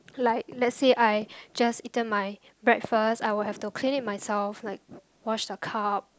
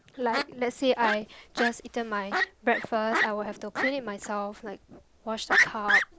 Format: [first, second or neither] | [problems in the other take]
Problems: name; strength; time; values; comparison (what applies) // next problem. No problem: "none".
first | noise reduction (neural mask model Resemble Enhance denoiser)